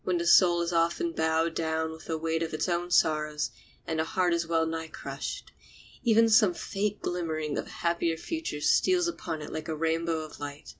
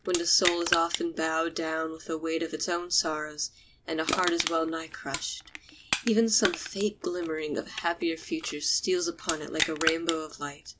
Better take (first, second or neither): first